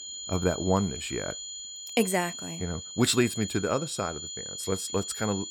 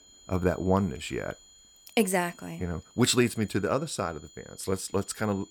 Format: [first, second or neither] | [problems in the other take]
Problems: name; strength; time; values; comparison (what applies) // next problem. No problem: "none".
second | high-pitched whine; loud; throughout; 7 kHz, 7 dB below the speech; faint in the second